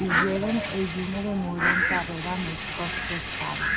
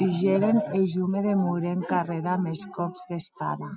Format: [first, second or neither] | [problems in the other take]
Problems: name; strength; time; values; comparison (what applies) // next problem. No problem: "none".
second | background sound (Fowl + Rattle); 1 dB above the speech